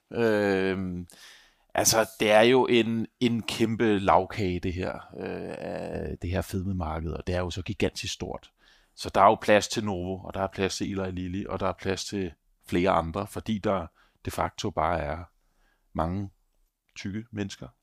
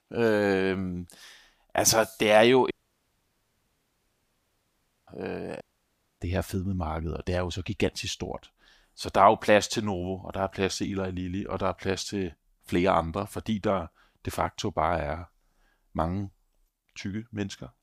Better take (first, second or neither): first